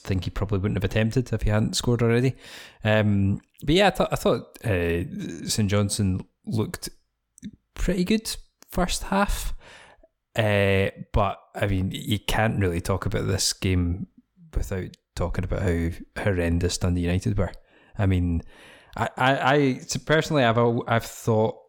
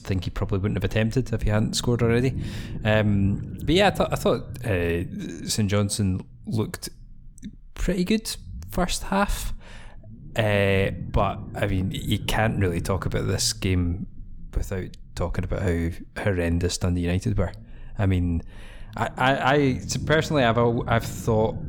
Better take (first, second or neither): first